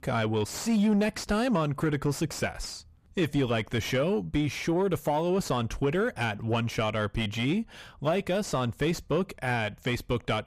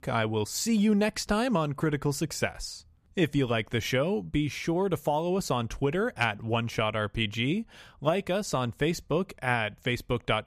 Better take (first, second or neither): second